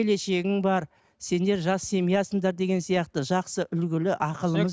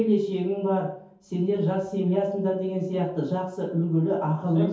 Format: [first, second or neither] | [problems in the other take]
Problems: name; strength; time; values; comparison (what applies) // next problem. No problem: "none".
first | room echo; dies away in 0.6 s